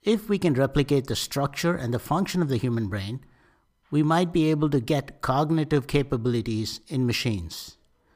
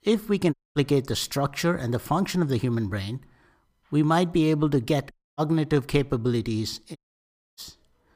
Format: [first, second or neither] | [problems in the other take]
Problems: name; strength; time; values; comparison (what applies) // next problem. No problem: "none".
first | audio cutting out; at 0.5 s, at 5 s and at 7 s for 0.5 s